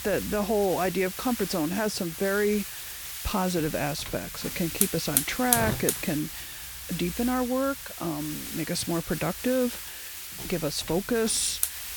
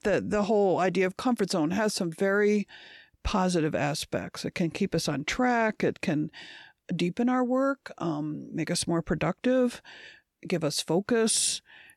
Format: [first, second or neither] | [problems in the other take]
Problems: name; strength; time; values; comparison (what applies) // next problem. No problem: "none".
second | hiss; loud; throughout; 4 dB below the speech